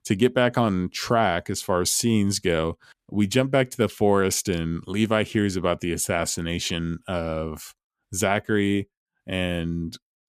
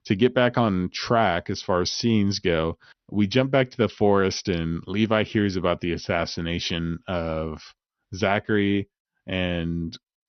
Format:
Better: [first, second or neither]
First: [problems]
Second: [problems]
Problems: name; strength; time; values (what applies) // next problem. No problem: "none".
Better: first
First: none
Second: garbled, watery; slightly; nothing above 6 kHz